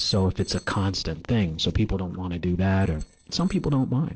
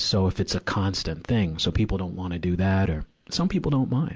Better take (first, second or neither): second